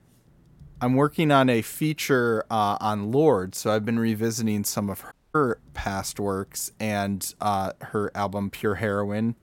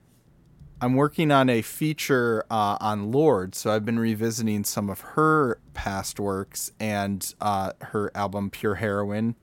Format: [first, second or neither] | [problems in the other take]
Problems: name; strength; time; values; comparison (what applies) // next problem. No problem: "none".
second | audio cutting out; at 5 s